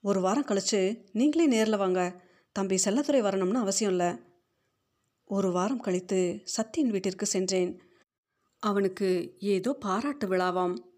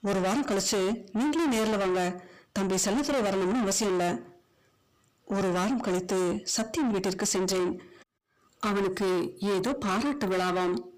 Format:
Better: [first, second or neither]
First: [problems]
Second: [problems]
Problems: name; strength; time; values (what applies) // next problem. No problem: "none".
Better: first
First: none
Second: distortion; heavy; 6 dB below the speech